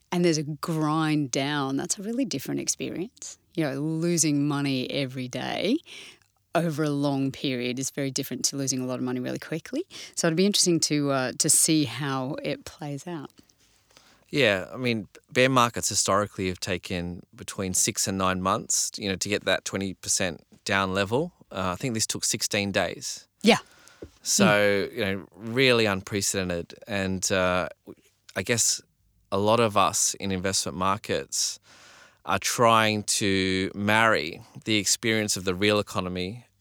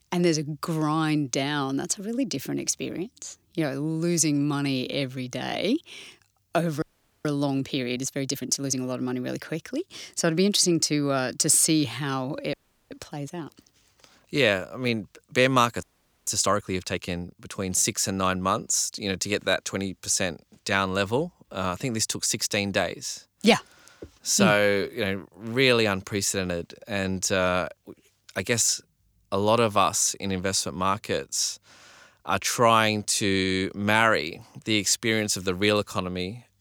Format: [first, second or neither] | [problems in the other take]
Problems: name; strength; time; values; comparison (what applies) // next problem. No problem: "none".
first | audio freezing; at 7 s, at 13 s and at 16 s